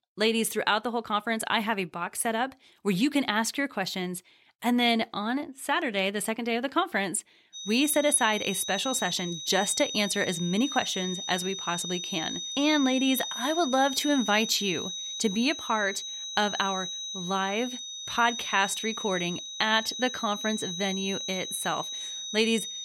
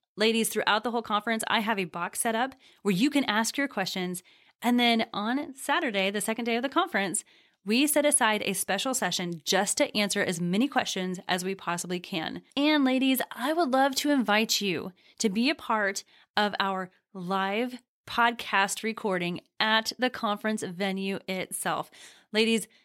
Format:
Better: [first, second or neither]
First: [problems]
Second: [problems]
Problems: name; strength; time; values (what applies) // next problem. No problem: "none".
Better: second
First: high-pitched whine; loud; from 7.5 s on; 3.5 kHz, 6 dB below the speech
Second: none